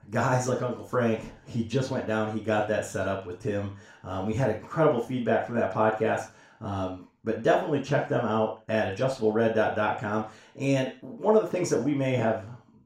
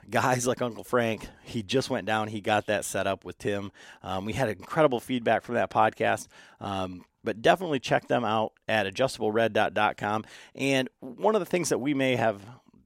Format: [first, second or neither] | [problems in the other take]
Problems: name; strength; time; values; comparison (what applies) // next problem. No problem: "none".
second | room echo; slight; dies away in 0.4 s // off-mic speech; far